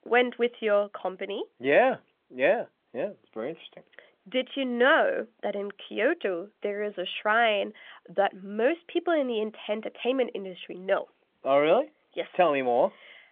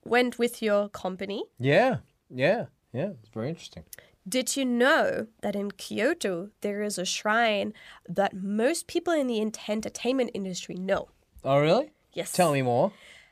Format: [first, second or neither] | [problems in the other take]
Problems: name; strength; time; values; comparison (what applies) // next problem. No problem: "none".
second | phone-call audio; nothing above 3.5 kHz